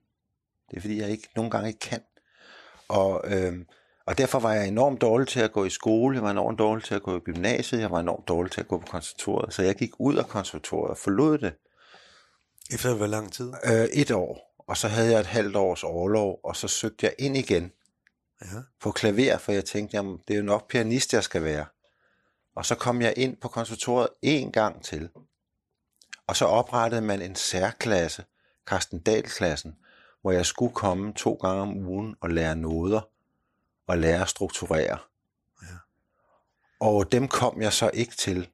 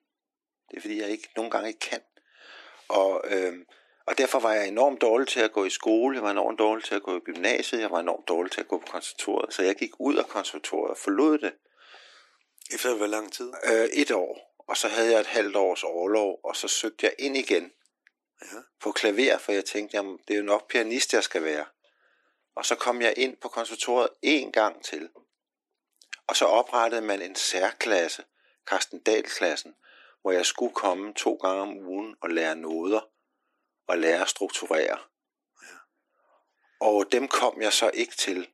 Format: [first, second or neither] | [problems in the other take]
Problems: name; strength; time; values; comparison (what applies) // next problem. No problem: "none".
first | thin; somewhat; fading below 300 Hz